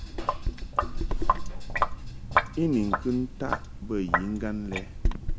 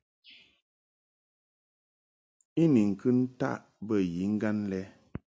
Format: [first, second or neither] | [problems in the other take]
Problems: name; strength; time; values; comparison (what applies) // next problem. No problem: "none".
second | background sound (Sink (filling or washing)); 4 dB above the speech